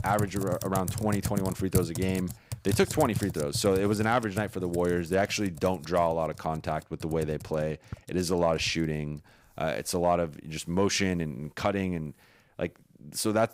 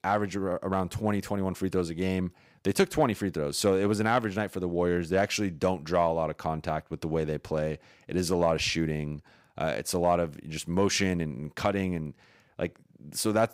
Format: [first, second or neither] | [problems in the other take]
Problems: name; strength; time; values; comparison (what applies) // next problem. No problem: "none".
second | household noises; loud; throughout; 8 dB below the speech